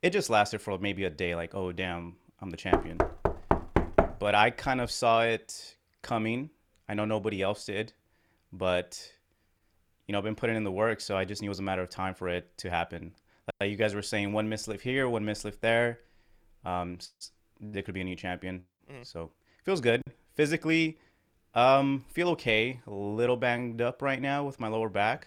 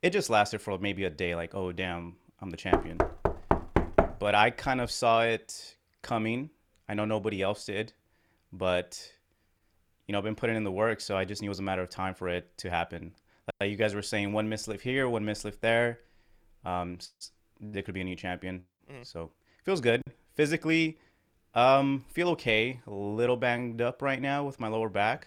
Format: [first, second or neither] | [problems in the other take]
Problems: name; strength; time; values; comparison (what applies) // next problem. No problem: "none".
neither | door banging; loud; from 2.5 to 4 s; peak 3 dB above the speech; the same in both